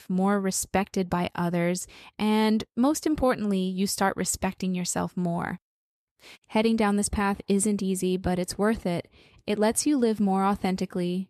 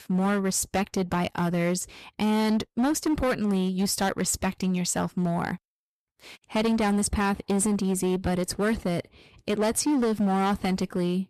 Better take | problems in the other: first | distortion; slight; 14% of the sound clipped

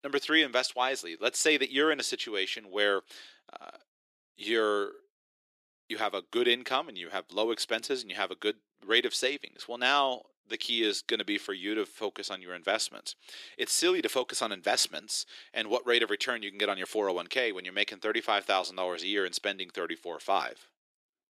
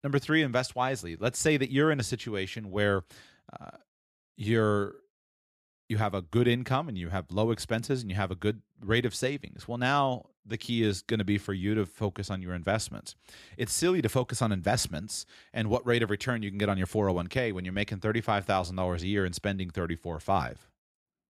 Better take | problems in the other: second | thin; somewhat; fading below 350 Hz

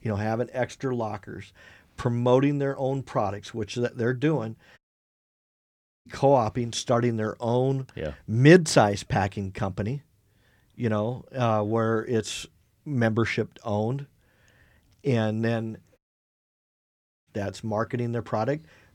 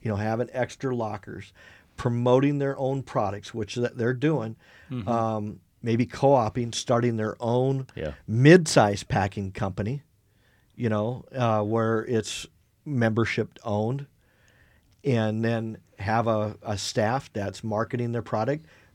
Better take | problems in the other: second | audio cutting out; at 5 s for 1.5 s and at 16 s for 1.5 s

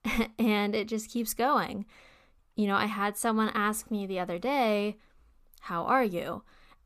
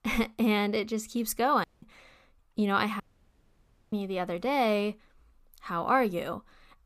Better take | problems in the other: first | audio cutting out; at 1.5 s and at 3 s for 1 s

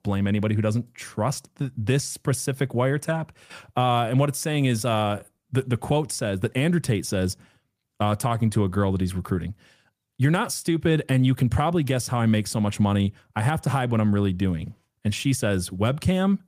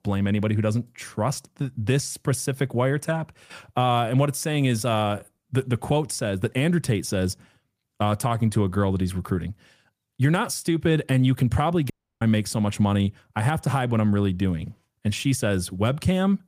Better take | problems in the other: first | audio cutting out; at 12 s

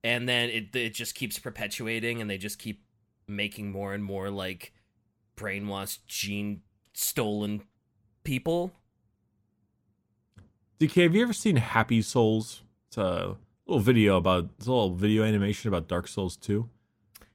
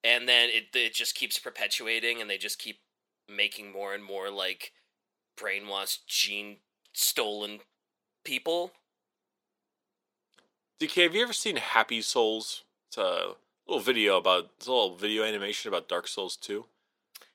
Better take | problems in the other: first | thin; very; fading below 400 Hz

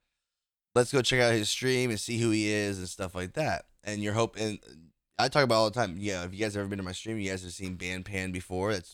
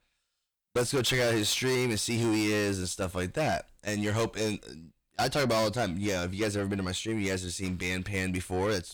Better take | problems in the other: first | distortion; heavy; 6 dB below the speech

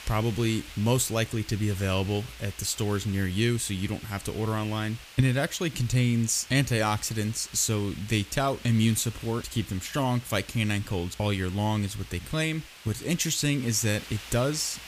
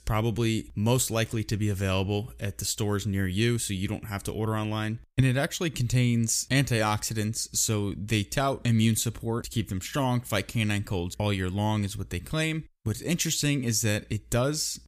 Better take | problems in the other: second | hiss; noticeable; throughout; 15 dB below the speech

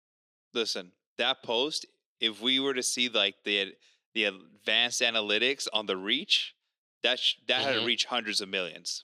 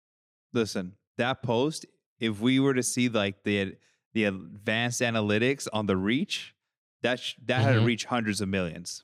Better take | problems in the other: second | thin; somewhat; fading below 400 Hz

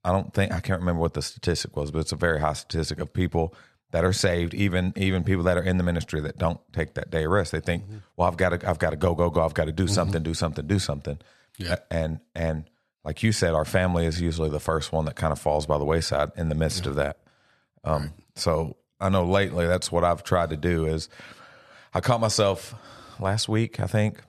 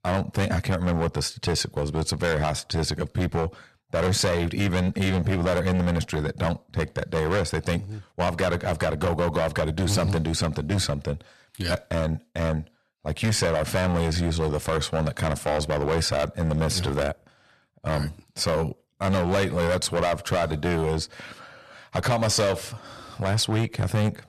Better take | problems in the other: first | distortion; heavy; 13% of the sound clipped

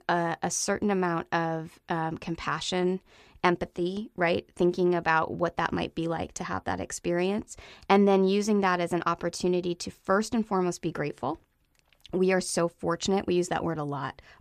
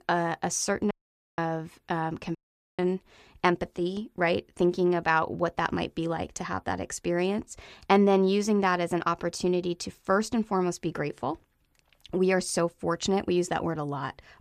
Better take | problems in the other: first | audio cutting out; at 1 s and at 2.5 s

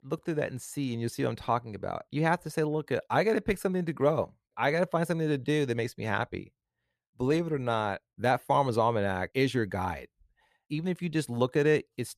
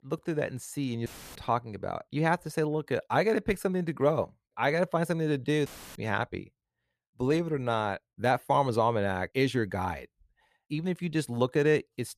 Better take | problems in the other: first | audio cutting out; filled with static; at 1 s and at 5.5 s

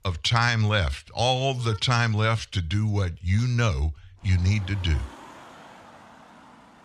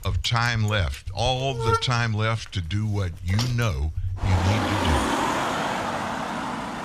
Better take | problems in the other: first | traffic noise; loud; throughout; 2 dB below the speech; faint in the first

